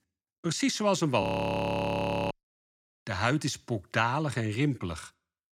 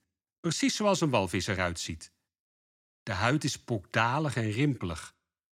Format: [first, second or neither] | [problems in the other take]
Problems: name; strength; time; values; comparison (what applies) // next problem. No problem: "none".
second | audio freezing; at 1 s for 1 s